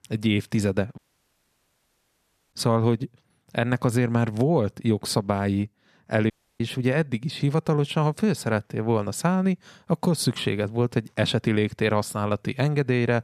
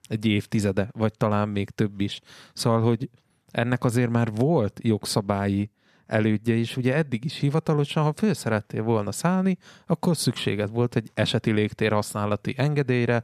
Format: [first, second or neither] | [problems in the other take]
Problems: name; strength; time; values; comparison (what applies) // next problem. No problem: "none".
second | audio cutting out; at 1 s for 1.5 s and at 6.5 s